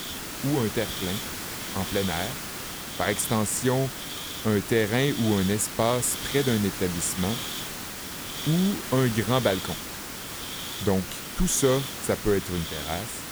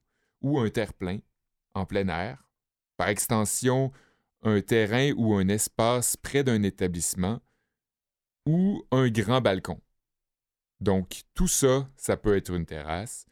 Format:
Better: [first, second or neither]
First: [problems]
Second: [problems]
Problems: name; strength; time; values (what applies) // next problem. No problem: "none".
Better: second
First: hiss; loud; throughout; 6 dB below the speech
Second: none